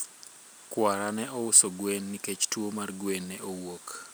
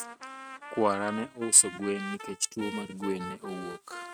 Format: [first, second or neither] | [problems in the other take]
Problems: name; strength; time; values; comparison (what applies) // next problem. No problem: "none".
first | noise reduction (neural mask model RNNoise)